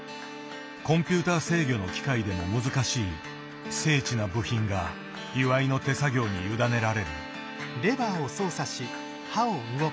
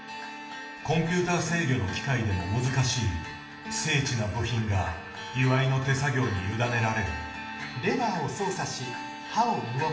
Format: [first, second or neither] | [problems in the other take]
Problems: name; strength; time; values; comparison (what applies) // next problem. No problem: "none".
first | room echo; dies away in 0.8 s